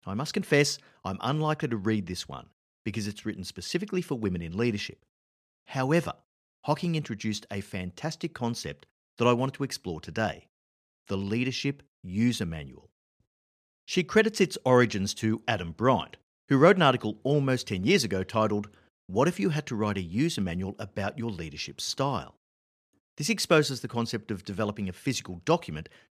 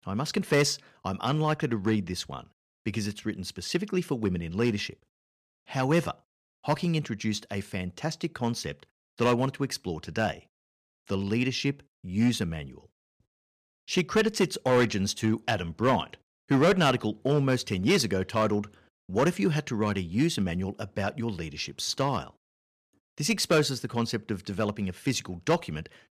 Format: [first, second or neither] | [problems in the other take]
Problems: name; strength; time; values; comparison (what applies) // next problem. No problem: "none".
first | distortion; slight; 2% of the sound clipped